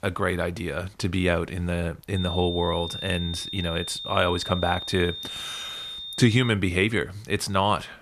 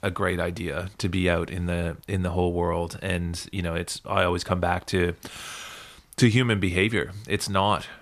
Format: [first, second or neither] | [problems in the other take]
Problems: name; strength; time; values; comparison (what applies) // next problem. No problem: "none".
second | high-pitched whine; loud; from 2 to 6.5 s; 3.5 kHz, 7 dB below the speech